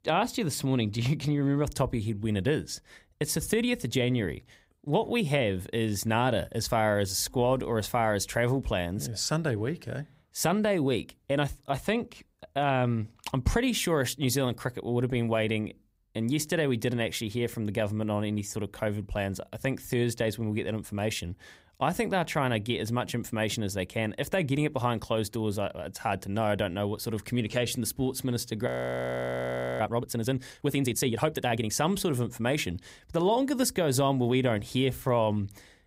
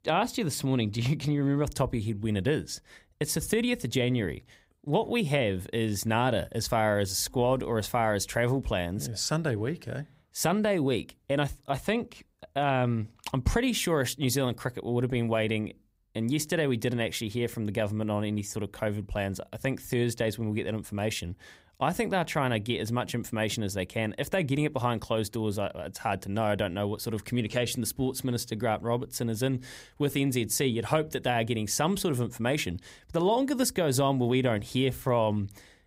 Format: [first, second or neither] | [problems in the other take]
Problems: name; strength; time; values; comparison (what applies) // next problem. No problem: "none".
second | audio freezing; at 29 s for 1 s